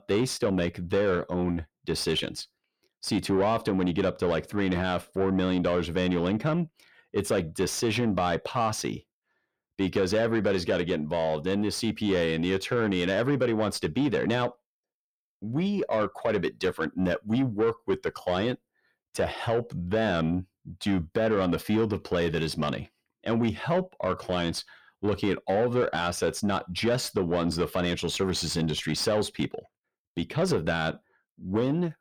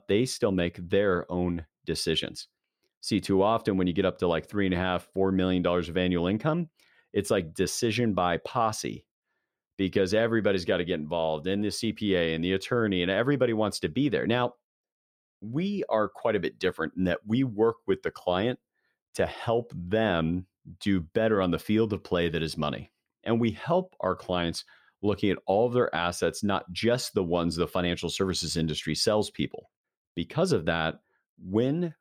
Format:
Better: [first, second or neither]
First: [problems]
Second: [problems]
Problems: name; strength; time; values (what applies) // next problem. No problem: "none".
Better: second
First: distortion; slight; 10 dB below the speech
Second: none